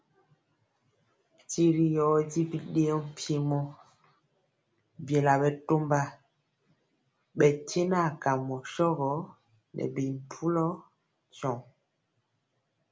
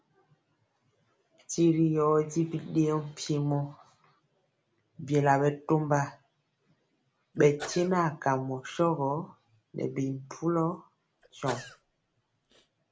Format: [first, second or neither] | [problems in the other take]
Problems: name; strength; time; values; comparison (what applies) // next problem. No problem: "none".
first | background sound (Sneeze / Cough); 17 dB below the speech